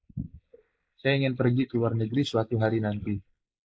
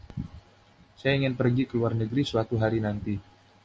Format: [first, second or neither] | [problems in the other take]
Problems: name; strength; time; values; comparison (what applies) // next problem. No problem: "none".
second | noise reduction (neural mask model Resemble Enhance denoiser)